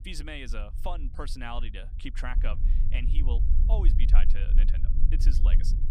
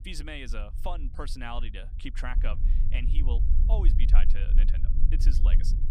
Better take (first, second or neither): neither